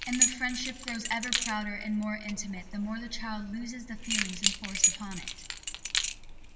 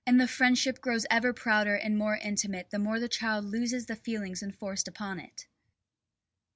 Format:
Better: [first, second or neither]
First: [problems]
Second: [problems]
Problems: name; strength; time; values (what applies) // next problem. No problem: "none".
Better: second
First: background sound (Keys jangling); 3 dB above the speech // room echo; dies away in 2.1 s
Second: none